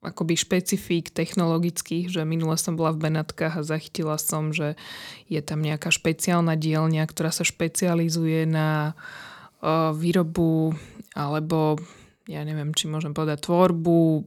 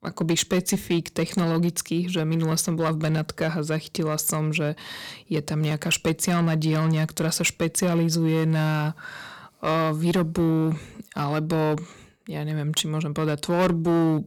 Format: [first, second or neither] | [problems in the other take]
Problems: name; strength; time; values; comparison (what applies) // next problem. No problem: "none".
first | distortion; slight; 6% of the sound clipped